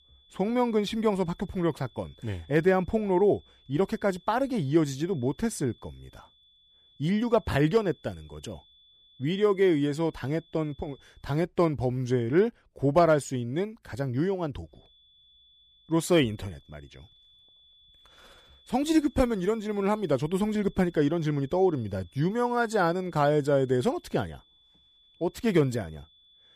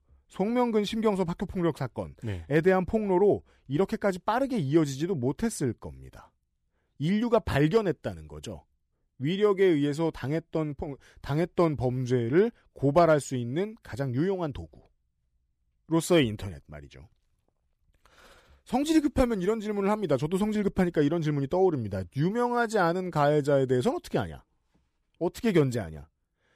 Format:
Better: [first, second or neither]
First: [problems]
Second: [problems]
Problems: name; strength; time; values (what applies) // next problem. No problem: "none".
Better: second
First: high-pitched whine; faint; until 11 s and from 15 s on; 3.5 kHz, 30 dB below the speech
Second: none